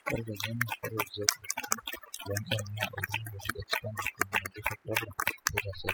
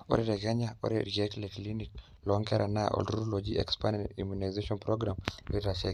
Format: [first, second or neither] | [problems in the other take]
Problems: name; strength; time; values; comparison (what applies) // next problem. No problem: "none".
second | noise reduction (classical method spectral subtraction)